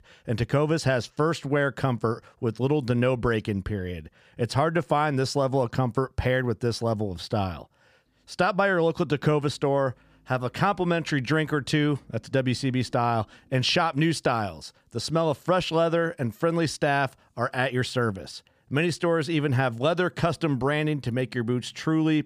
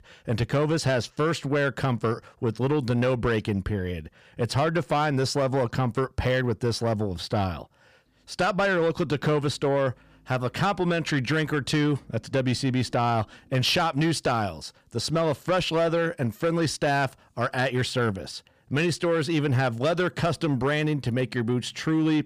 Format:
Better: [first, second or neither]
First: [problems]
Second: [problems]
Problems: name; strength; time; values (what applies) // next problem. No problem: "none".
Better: first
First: none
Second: distortion; slight; 10 dB below the speech